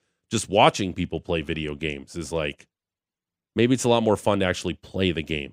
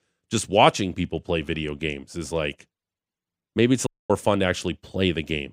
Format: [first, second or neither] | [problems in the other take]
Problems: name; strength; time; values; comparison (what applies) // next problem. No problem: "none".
first | audio cutting out; at 4 s